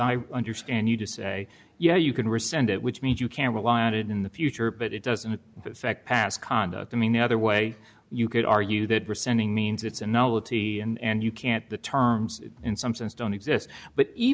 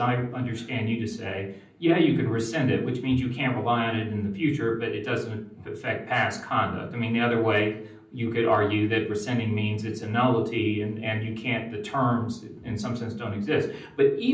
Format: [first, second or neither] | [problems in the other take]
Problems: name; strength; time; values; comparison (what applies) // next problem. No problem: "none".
first | room echo; dies away in 0.6 s